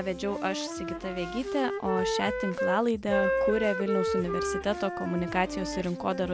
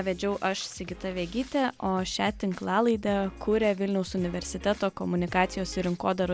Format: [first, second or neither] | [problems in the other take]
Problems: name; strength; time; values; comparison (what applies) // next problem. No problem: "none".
second | background sound (Wind instrument, woodwind instrument); 2 dB below the speech